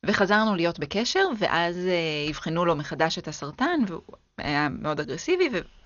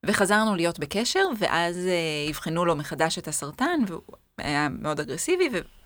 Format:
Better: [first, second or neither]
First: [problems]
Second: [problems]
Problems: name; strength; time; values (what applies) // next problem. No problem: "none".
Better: second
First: garbled, watery; slightly; nothing above 6.5 kHz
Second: none